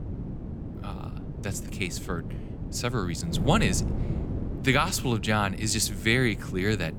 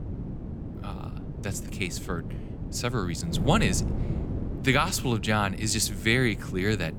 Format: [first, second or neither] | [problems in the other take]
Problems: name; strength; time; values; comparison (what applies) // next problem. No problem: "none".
neither | wind noise on the microphone; occasional gusts; 15 dB below the speech; the same in both